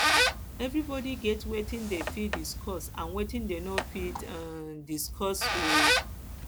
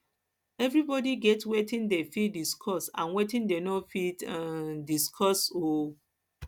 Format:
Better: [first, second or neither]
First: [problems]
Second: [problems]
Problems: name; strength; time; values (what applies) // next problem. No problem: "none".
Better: second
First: background sound (Squeak); 3 dB above the speech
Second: none